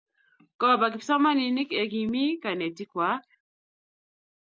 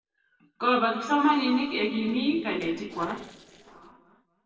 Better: first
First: none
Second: noise reduction (neural separator model SepFormer DNS4)

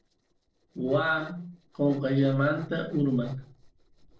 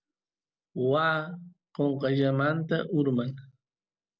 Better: second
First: noise reduction (neural separator model SepFormer DNS4)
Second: none

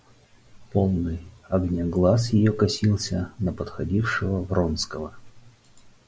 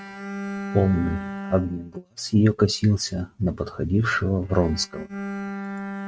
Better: first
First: none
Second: noise reduction (neural mask model RNNoise)

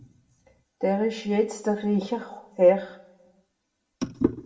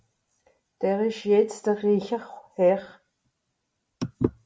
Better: second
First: room echo; dies away in 0.6 s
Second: none

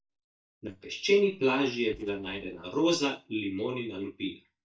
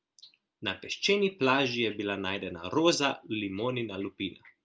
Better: second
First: noise reduction (neural mask model DeepFilterNet 3)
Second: none

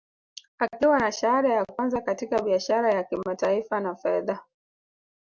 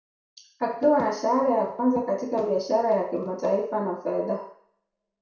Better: first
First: none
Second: room echo; dies away in 0.6 s

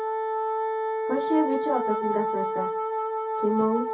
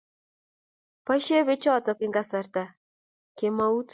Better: second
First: background sound (Wind instrument, woodwind instrument); 2 dB above the speech // room echo; dies away in 0.3 s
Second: none

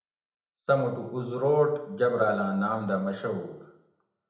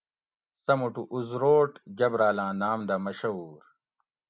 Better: second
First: room echo; dies away in 0.8 s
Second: none

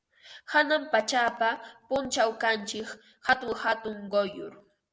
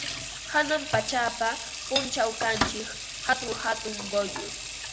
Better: first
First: none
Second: background sound (Sink (filling or washing) / Water tap, faucet); 4 dB below the speech

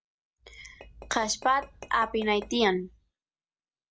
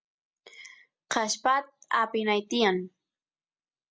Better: second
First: background sound (Tap / Glass); 18 dB below the speech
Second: none

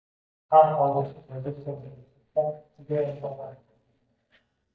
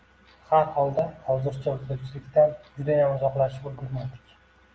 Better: second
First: noise reduction (neural mask model DeepFilterNet 3)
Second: none

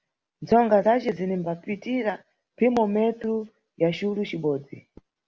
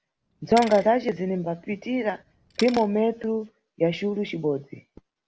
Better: first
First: none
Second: background sound (Bicycle); 17 dB below the speech

